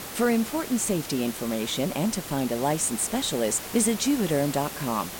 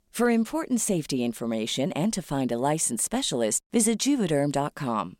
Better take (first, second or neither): second